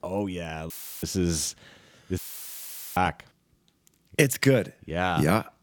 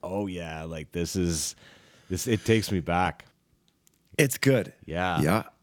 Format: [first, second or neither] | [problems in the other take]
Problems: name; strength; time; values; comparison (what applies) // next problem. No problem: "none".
second | audio cutting out; filled with static; at 0.5 s and at 2 s for 1 s